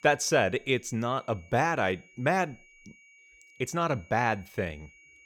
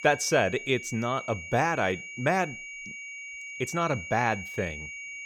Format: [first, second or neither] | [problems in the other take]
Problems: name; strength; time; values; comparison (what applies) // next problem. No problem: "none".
first | high-pitched whine; loud; throughout; 2.5 kHz, 10 dB below the speech; faint in the first